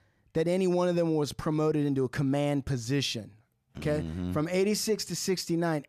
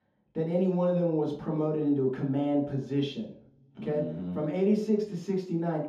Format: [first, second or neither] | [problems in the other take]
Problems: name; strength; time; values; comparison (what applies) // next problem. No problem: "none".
first | room echo; noticeable; dies away in 0.6 s // off-mic speech; far